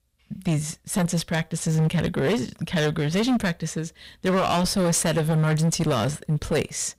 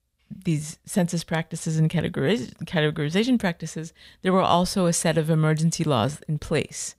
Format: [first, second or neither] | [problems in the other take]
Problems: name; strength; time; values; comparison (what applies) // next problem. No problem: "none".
second | distortion; heavy; 15% of the sound clipped